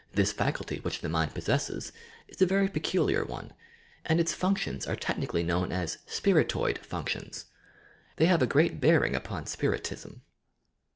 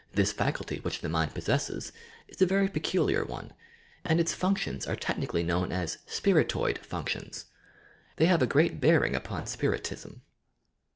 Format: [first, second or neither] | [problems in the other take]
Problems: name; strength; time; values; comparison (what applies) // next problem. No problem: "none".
first | background sound (Thump, thud); 20 dB below the speech